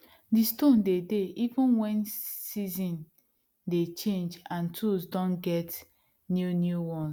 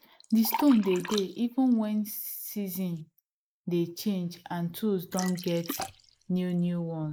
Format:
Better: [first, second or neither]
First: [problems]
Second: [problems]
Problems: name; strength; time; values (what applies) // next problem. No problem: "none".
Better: first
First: none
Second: noise reduction (neural mask model Resemble Enhance denoiser)